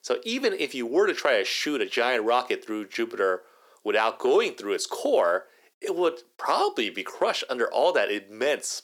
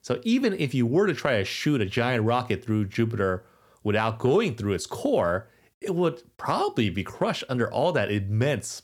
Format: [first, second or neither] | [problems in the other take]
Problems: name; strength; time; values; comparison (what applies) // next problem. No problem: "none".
second | thin; somewhat; fading below 350 Hz